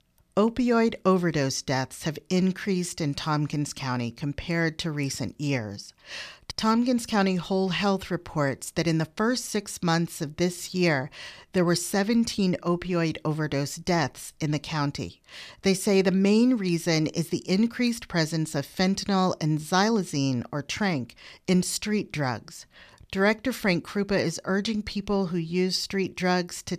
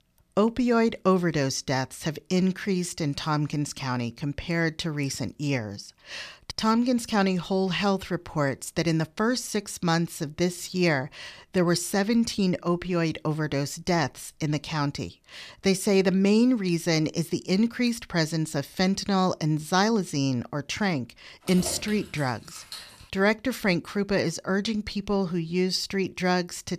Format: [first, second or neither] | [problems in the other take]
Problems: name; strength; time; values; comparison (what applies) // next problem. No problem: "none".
first | jangling keys; noticeable; from 21 to 23 s; peak 10 dB below the speech